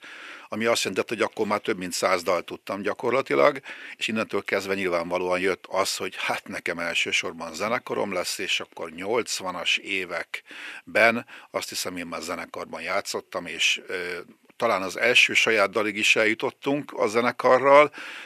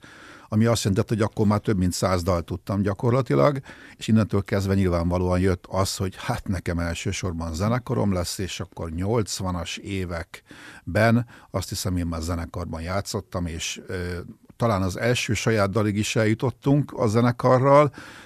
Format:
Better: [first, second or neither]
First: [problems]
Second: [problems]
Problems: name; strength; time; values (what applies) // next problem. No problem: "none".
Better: second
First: thin; somewhat; fading below 400 Hz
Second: none